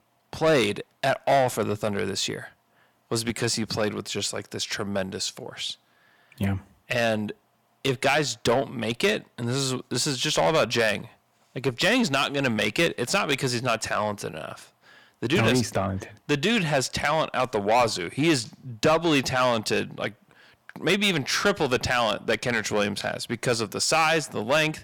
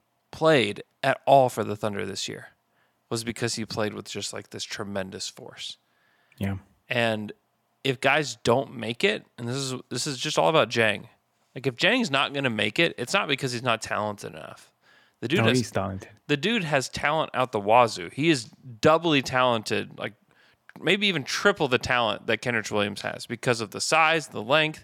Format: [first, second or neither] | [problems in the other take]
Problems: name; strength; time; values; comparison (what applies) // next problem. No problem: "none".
second | distortion; heavy; 8 dB below the speech